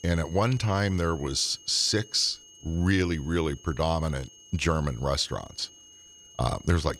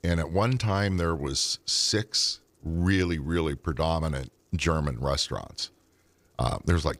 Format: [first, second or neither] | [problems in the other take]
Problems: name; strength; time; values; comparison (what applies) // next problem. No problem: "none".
second | high-pitched whine; faint; throughout; 3 kHz, 20 dB below the speech